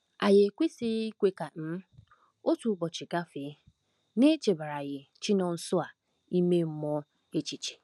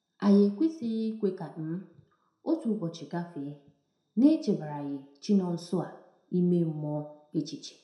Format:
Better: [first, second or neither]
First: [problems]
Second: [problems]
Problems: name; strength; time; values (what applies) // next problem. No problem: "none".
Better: first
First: none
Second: room echo; dies away in 0.5 s